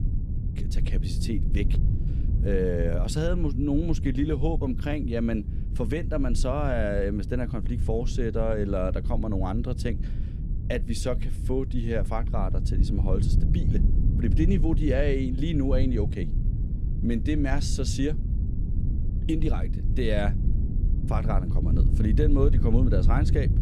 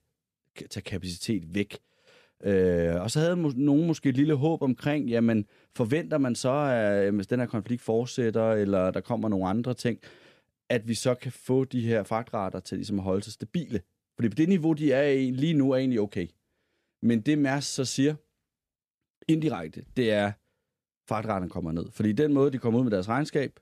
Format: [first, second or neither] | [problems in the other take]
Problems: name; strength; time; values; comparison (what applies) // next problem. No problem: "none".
second | low rumble; noticeable; throughout; 10 dB below the speech